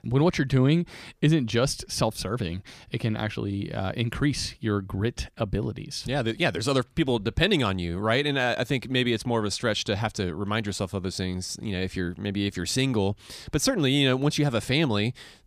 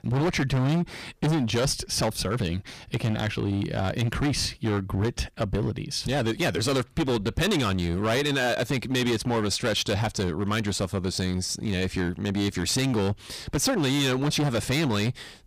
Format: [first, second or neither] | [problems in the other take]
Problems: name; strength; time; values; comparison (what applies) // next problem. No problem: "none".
first | distortion; heavy; 17% of the sound clipped